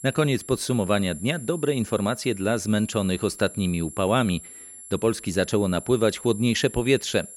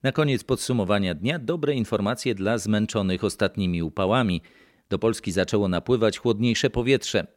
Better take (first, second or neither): second